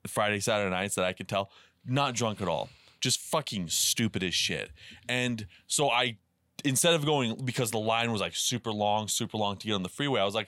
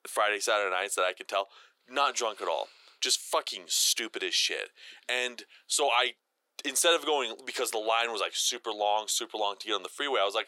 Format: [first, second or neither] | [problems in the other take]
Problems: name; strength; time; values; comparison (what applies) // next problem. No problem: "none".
first | thin; very; fading below 350 Hz